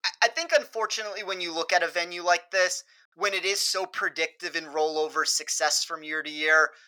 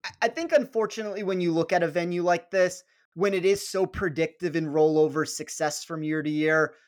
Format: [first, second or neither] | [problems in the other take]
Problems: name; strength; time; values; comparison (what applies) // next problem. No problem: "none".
second | thin; very; fading below 950 Hz